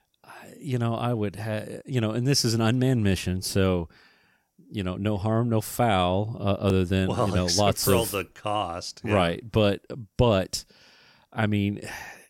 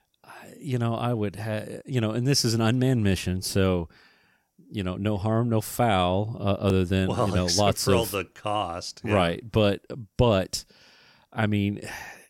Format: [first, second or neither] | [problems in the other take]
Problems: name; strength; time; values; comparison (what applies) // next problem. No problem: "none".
second | jangling keys; noticeable; at 8 s; peak 6 dB below the speech